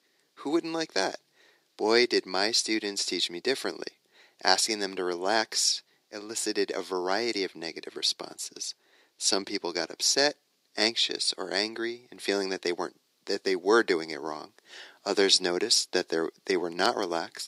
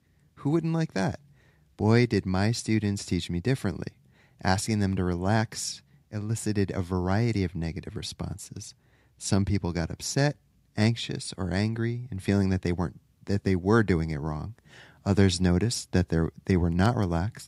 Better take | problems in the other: second | thin; very; fading below 350 Hz

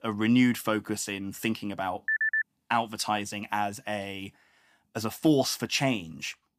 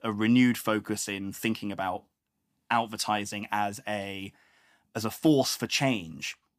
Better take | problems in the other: second | phone ringing; loud; at 2 s; peak 3 dB above the speech

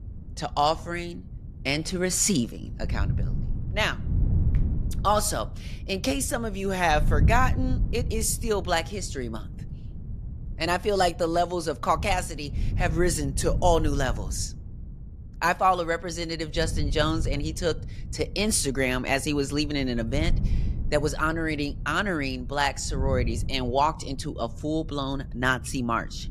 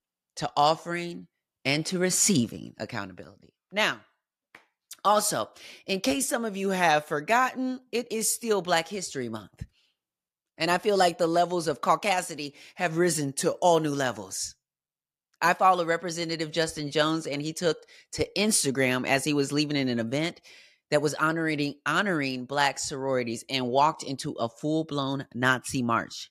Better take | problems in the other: second | wind noise on the microphone; occasional gusts; 20 dB below the speech

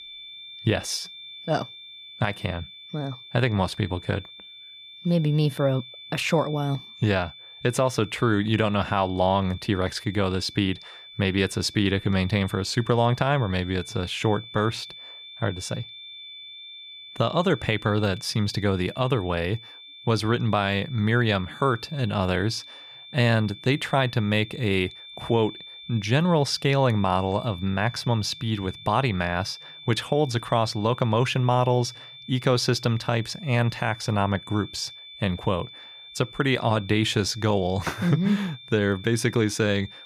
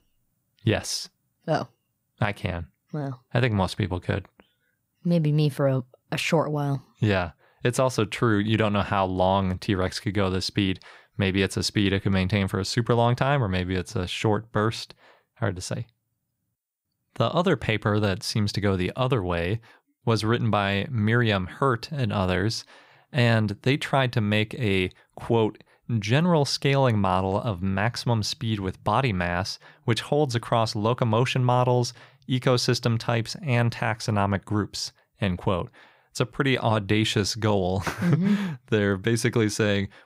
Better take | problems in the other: second | high-pitched whine; noticeable; throughout; 3.5 kHz, 15 dB below the speech

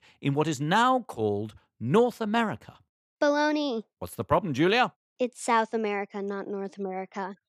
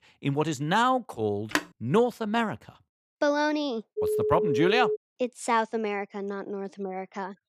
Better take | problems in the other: first | phone ringing; noticeable; at 1.5 s; peak 3 dB below the speech // phone ringing; loud; at 4 s; peak 1 dB above the speech

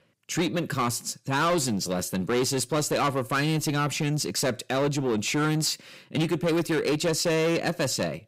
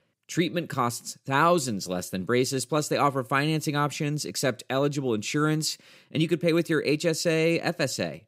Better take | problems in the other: second | distortion; heavy; 8 dB below the speech

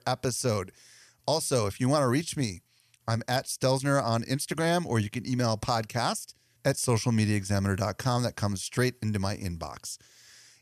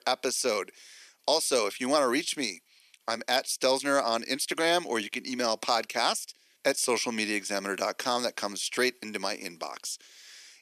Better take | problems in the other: first | thin; somewhat; fading below 300 Hz

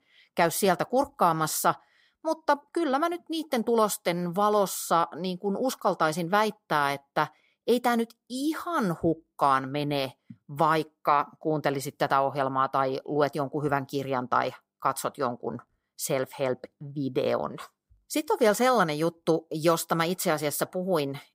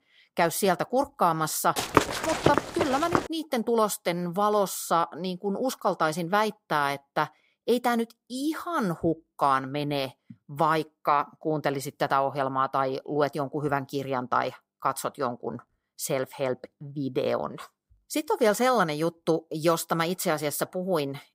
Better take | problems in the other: first | footsteps; loud; from 2 to 3 s; peak 3 dB above the speech

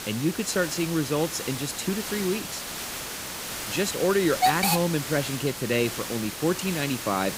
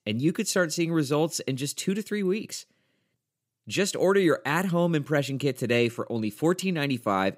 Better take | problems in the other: second | hiss; loud; throughout; 3 dB below the speech

